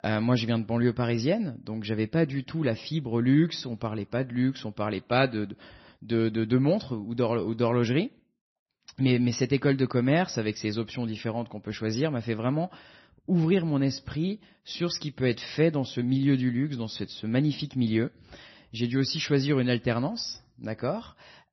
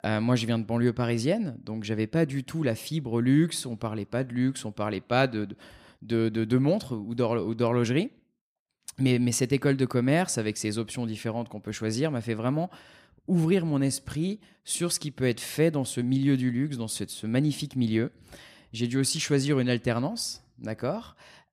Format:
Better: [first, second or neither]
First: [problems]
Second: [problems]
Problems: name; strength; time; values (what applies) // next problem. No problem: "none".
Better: second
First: garbled, watery; slightly; nothing above 6 kHz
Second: none